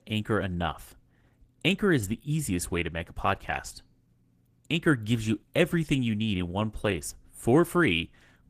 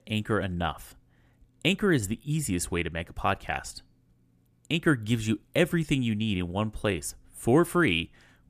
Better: second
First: garbled, watery; slightly; nothing above 14.5 kHz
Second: none

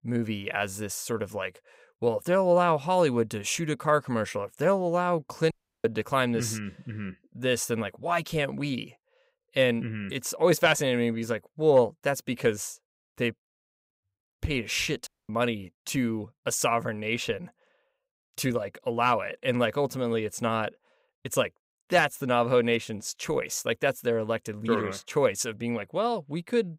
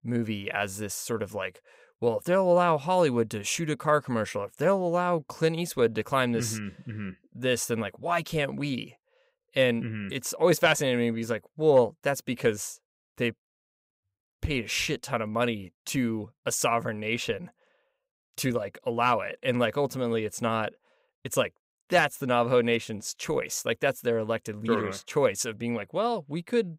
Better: second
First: audio cutting out; at 5.5 s and at 15 s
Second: none

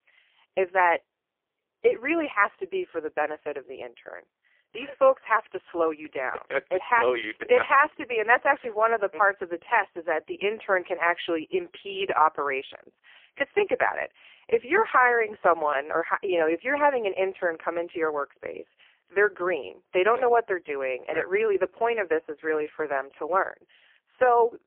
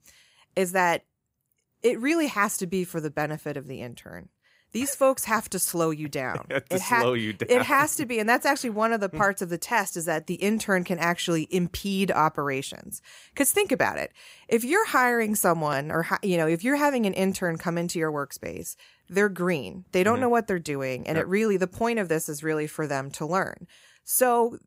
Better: second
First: phone-call audio; poor line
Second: none

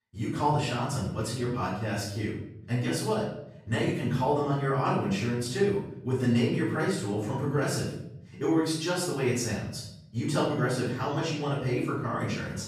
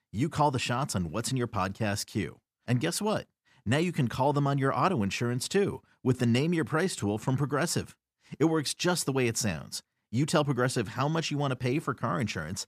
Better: second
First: off-mic speech; far // room echo; noticeable; dies away in 0.7 s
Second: none

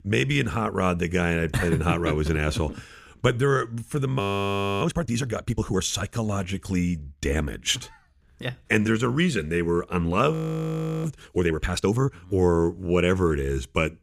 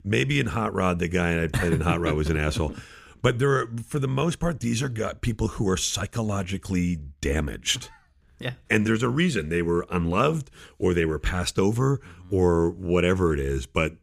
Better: second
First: audio freezing; at 4 s for 0.5 s and at 10 s for 0.5 s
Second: none

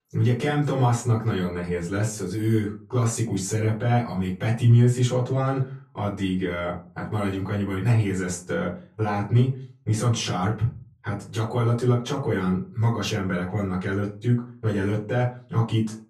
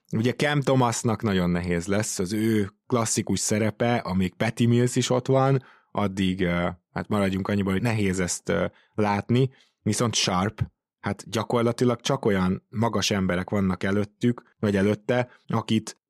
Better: second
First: off-mic speech; far // room echo; slight; dies away in 0.3 s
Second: none

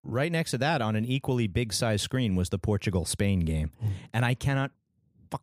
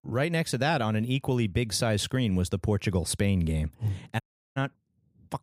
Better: first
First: none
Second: audio cutting out; at 4 s

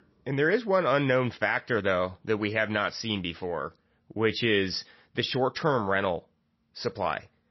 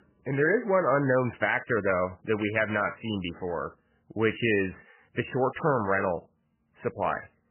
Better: first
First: garbled, watery; slightly; nothing above 5.5 kHz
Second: garbled, watery; badly; nothing above 3 kHz

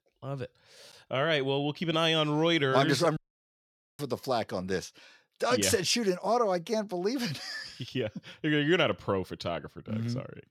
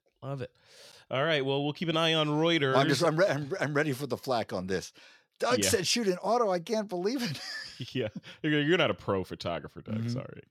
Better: second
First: audio cutting out; at 3 s for 1 s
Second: none

